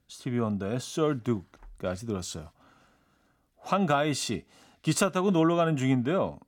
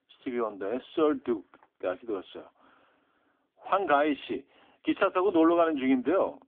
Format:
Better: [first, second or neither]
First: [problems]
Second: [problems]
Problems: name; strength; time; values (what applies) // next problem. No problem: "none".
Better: first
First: none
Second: phone-call audio; poor line; nothing above 3.5 kHz